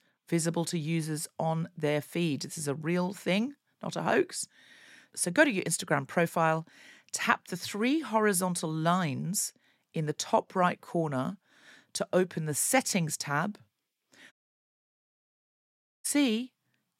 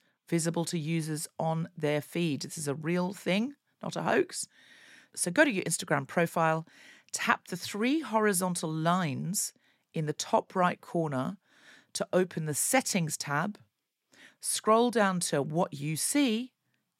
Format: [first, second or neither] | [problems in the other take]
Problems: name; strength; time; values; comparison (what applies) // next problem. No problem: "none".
second | audio cutting out; at 14 s for 1.5 s